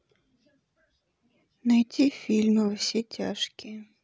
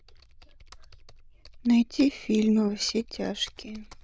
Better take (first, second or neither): first